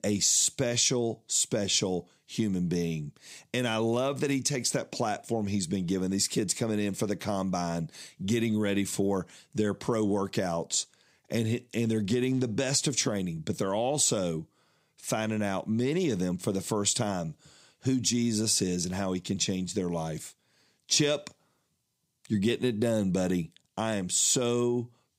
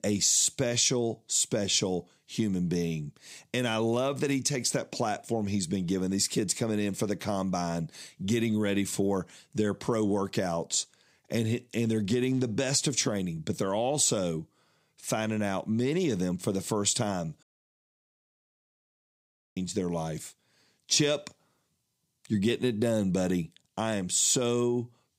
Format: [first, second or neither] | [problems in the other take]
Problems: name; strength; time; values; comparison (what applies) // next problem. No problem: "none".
first | audio cutting out; at 17 s for 2 s